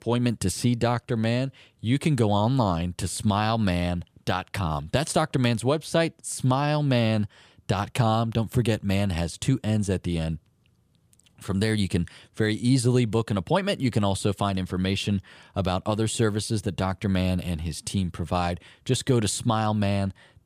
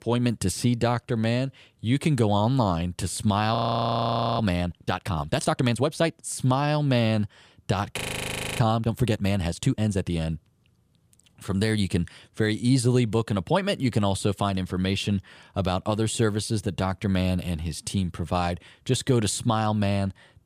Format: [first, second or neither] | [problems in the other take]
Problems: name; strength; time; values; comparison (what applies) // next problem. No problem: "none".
first | audio freezing; at 3.5 s for 1 s and at 8 s for 0.5 s